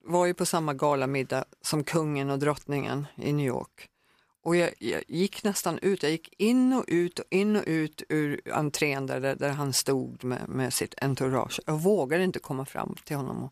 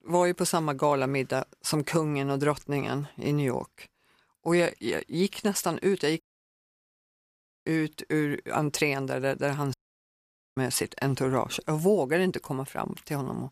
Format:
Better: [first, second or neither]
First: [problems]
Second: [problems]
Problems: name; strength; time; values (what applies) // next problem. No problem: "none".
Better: first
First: none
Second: audio cutting out; at 6 s for 1.5 s and at 9.5 s for 1 s